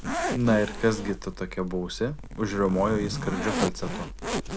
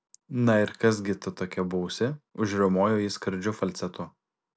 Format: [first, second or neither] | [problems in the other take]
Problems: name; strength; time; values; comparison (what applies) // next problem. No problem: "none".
second | background sound (Zipper (clothing)); 4 dB below the speech